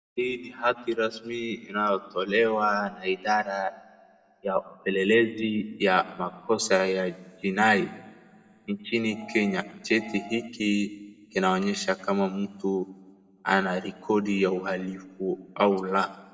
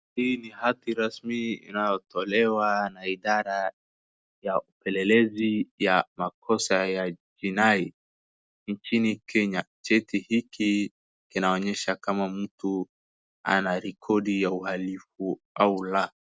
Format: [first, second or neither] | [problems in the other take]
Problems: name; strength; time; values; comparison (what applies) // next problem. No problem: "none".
second | background sound (Piano); 16 dB below the speech // room echo; dies away in 0.8 s